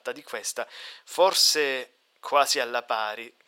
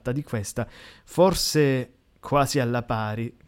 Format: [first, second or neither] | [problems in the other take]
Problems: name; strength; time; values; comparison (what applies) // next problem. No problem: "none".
second | thin; very; fading below 550 Hz